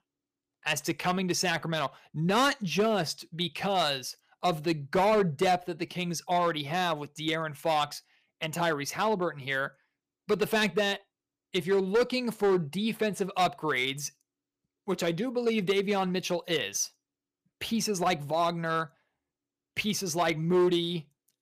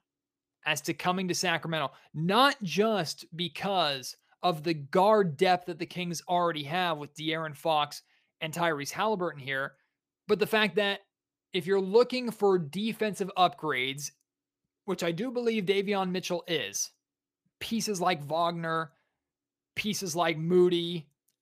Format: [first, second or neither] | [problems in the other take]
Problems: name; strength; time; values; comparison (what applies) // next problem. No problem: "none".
second | distortion; slight; 4% of the sound clipped